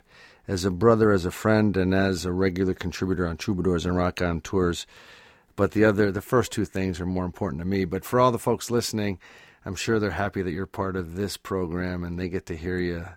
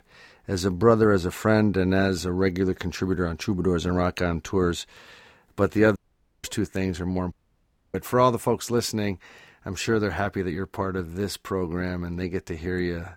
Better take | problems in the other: first | audio cutting out; at 6 s and at 7.5 s for 0.5 s

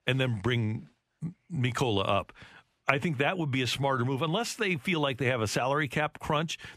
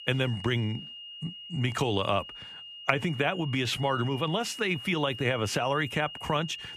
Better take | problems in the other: first | high-pitched whine; noticeable; throughout; 3 kHz, 10 dB below the speech

